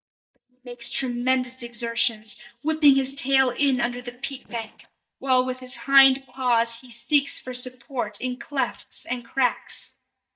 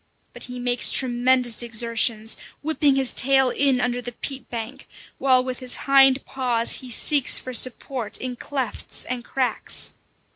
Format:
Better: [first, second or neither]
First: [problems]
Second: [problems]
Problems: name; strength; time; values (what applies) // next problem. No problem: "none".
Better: second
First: noise reduction (neural mask model DeepFilterNet 3)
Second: none